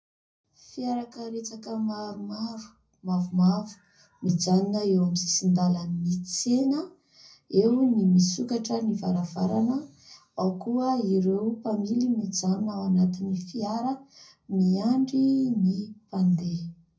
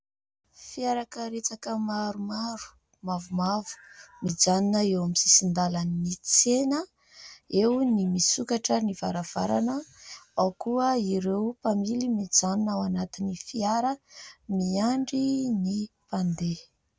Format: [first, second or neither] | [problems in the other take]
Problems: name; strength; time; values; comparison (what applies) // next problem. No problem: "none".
second | room echo; dies away in 0.4 s